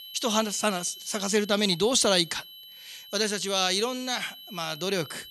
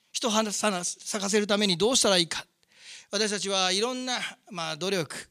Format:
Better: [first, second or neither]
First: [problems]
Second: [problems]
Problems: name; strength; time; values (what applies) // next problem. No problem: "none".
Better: second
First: high-pitched whine; noticeable; throughout; 3 kHz, 15 dB below the speech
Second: none